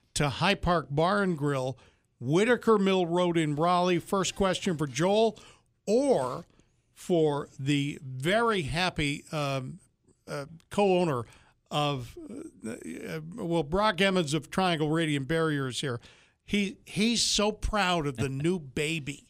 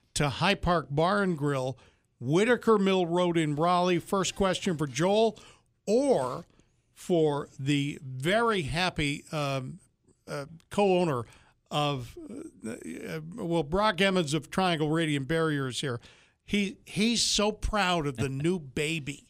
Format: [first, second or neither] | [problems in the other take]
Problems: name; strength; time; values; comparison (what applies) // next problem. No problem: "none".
neither | none